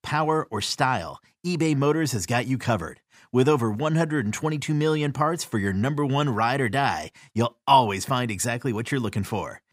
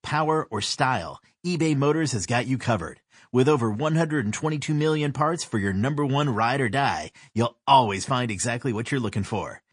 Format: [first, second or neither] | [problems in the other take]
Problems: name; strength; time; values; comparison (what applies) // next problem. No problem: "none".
first | garbled, watery; slightly; nothing above 9 kHz